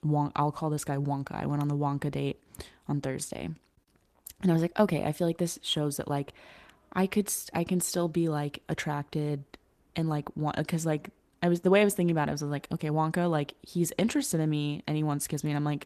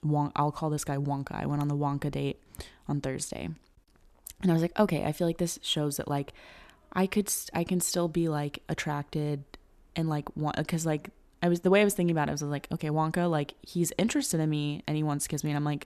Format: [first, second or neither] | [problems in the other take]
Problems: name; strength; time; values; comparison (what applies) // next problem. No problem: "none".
second | garbled, watery; slightly; nothing above 14 kHz